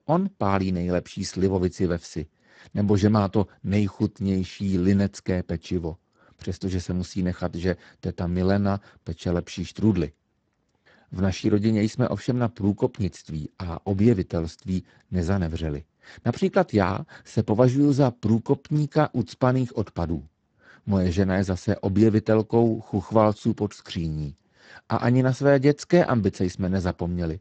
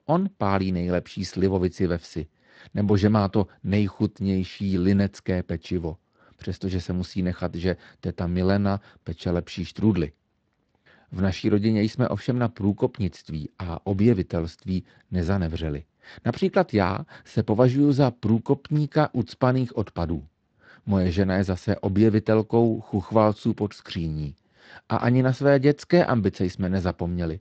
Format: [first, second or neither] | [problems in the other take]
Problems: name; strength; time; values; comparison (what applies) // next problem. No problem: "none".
second | garbled, watery; badly; nothing above 8 kHz; slightly in the second